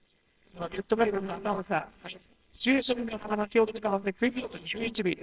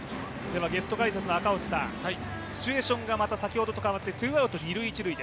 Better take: second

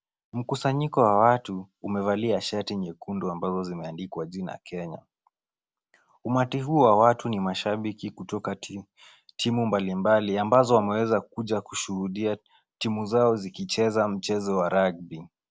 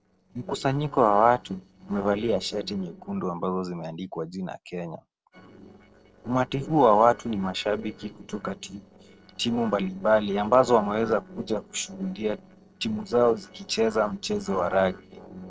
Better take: first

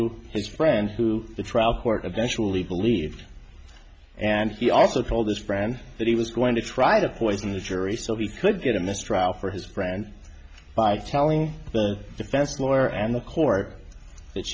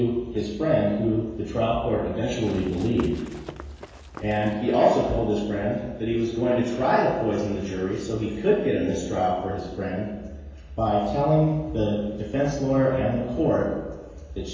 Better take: first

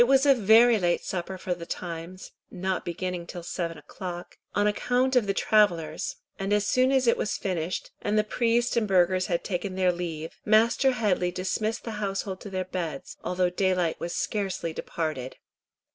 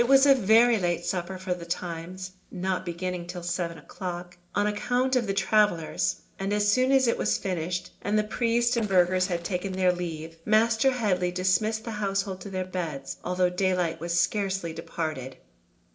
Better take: first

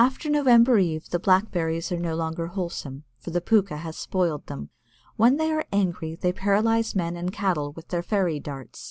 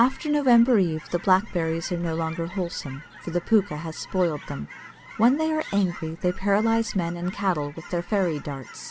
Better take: first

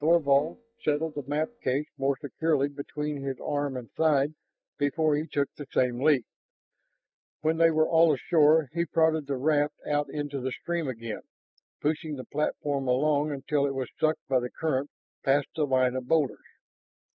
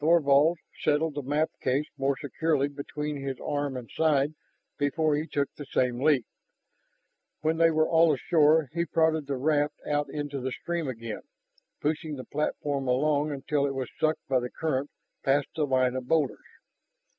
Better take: second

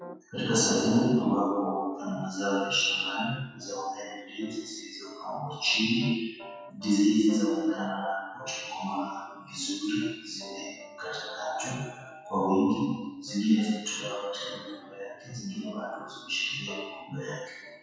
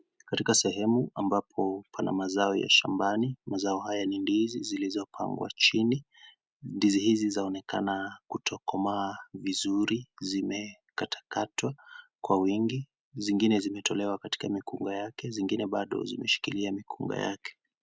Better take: second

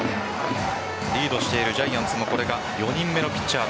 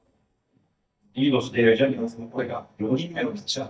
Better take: first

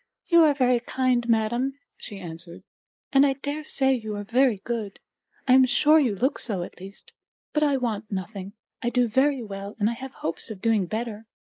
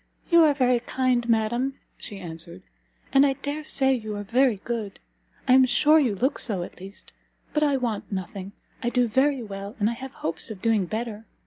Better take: second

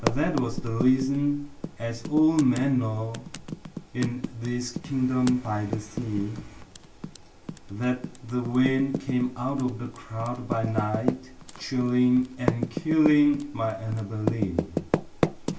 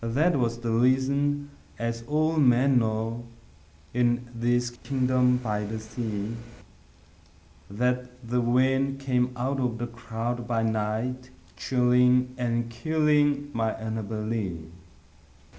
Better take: second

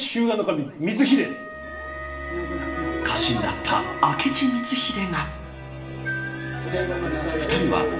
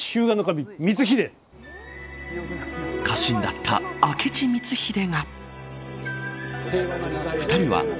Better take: second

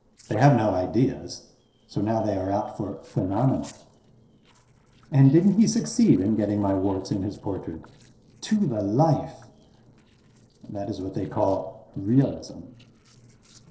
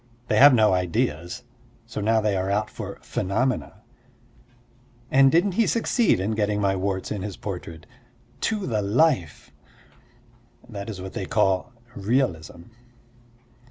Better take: second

